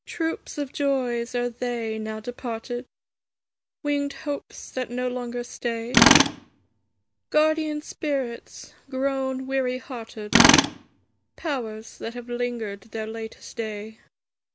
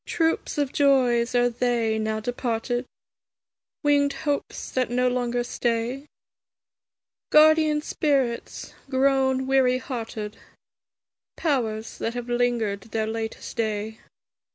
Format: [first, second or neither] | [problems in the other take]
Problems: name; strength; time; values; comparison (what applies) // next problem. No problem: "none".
second | background sound (Tools); 4 dB above the speech